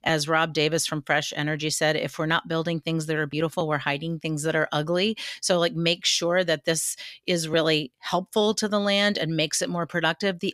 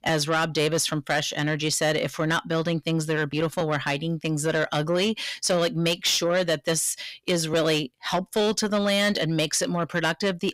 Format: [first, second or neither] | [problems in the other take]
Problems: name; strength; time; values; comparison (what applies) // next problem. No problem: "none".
first | distortion; slight; 10 dB below the speech